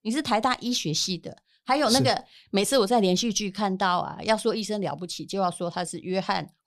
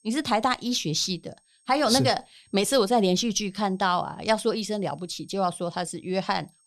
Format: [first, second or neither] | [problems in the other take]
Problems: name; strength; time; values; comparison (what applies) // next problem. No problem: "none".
first | high-pitched whine; faint; throughout; 8.5 kHz, 35 dB below the speech